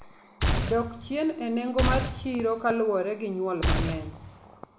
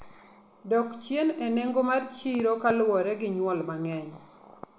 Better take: second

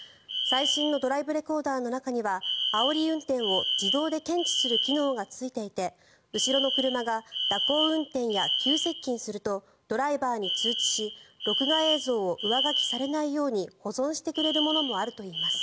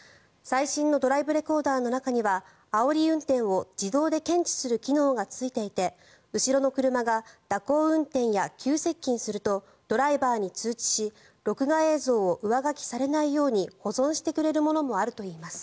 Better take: second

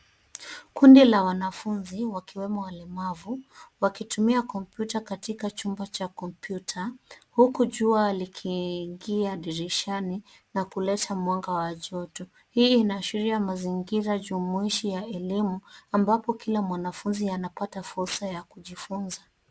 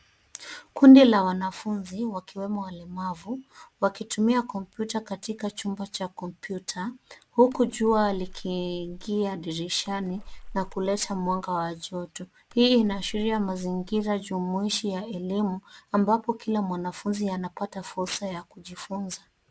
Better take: first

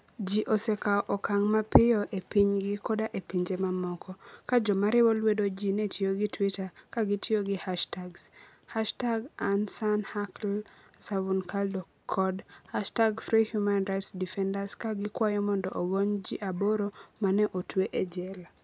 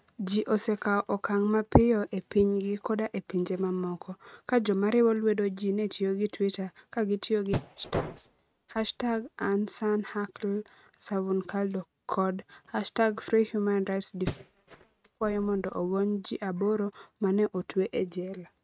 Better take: first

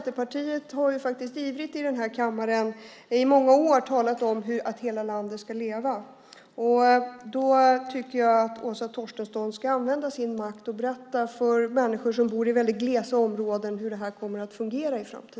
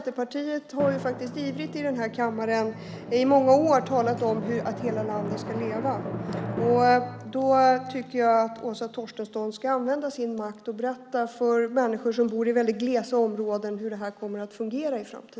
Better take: first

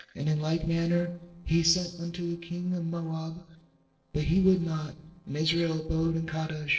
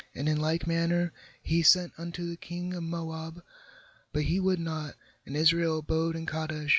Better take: second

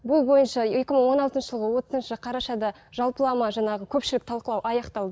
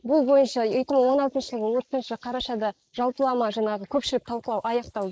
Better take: first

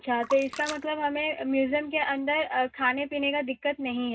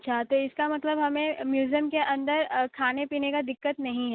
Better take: second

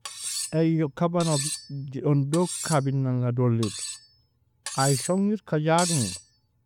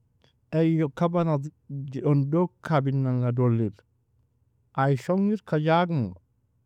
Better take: second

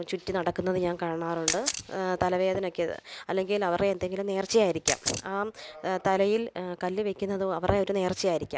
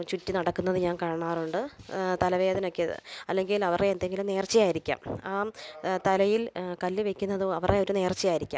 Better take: second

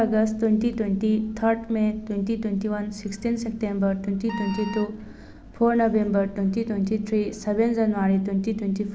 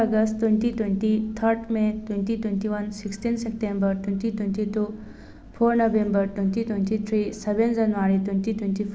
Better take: second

